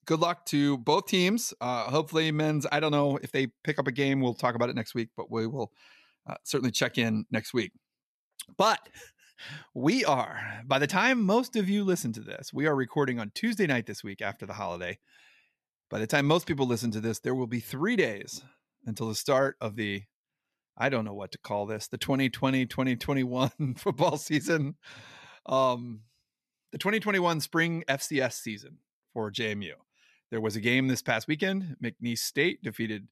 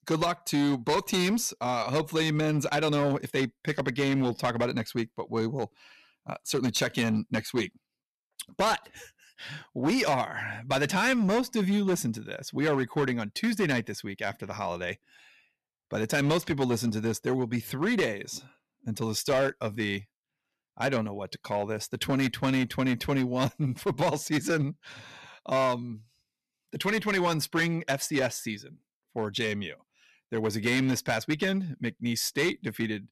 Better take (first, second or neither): first